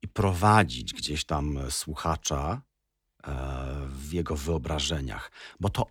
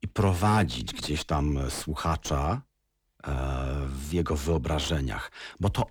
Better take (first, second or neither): first